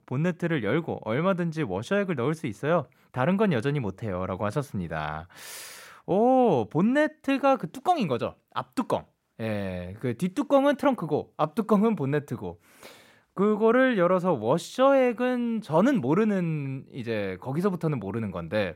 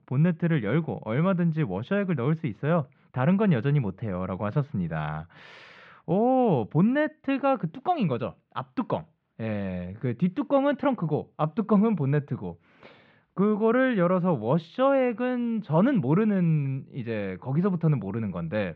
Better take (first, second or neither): first